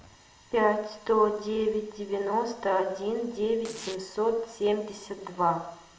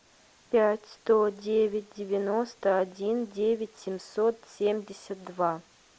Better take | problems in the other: second | background sound (Domestic sounds, home sounds); 17 dB below the speech // room echo; dies away in 0.6 s

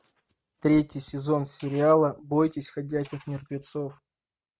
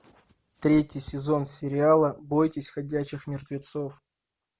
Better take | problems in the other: second | noise reduction (neural mask model RNNoise)

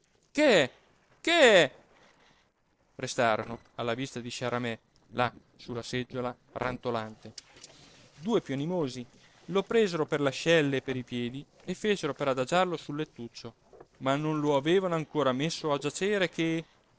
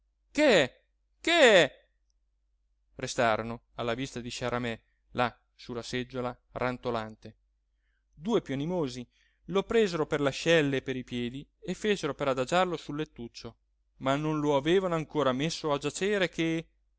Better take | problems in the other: second | noise reduction (neural separator model SepFormer DNS4)

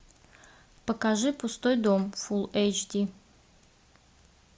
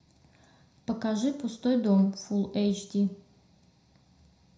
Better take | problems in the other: first | room echo; dies away in 0.4 s

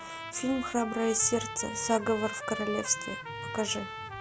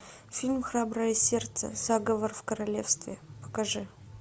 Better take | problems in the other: second | background sound (Trumpet); 8 dB below the speech

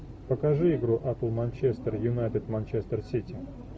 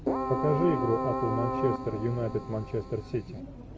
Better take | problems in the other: first | background sound (Keyboard (musical)); 2 dB below the speech

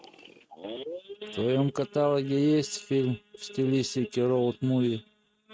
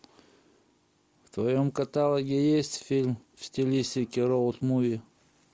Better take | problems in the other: second | noise reduction (neural mask model RNNoise)

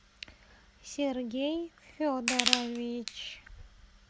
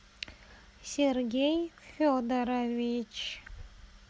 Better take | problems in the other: second | background sound (Crushing); 2 dB above the speech

